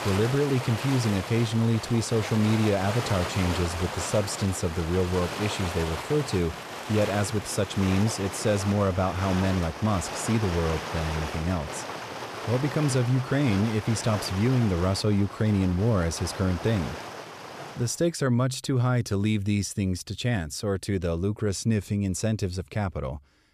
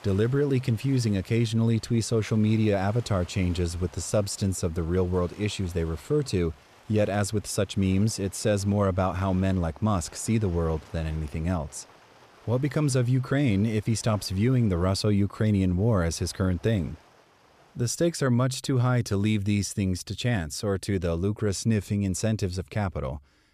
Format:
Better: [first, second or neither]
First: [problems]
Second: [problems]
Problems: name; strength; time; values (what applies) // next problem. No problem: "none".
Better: second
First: rain or running water; loud; until 18 s; 8 dB below the speech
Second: rain or running water; faint; until 18 s; 25 dB below the speech